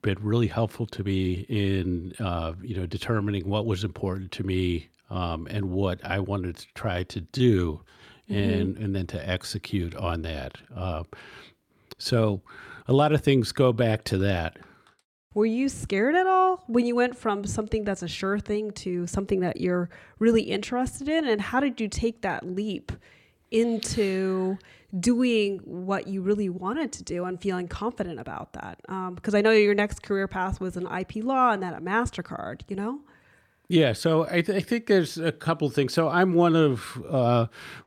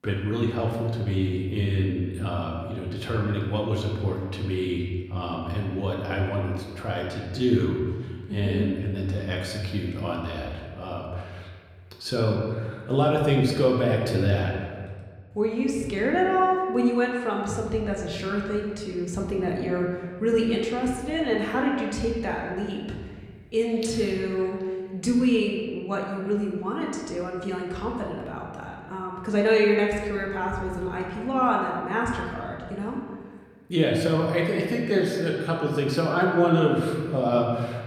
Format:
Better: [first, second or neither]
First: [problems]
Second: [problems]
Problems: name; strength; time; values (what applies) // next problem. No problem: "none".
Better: first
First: none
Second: room echo; noticeable; dies away in 1.4 s // off-mic speech; somewhat distant